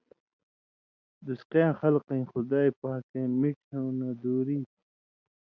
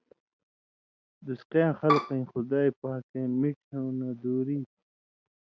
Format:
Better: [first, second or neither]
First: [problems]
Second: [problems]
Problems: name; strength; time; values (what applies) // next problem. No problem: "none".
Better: first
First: none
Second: background sound (Bowed string instrument); 2 dB above the speech